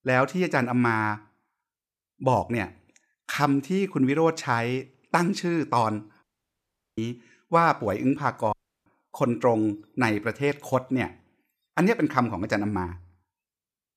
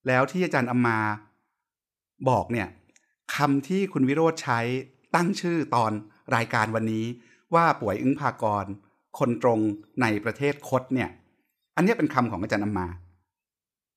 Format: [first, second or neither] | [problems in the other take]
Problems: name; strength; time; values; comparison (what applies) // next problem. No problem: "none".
second | audio cutting out; at 6 s for 0.5 s and at 8.5 s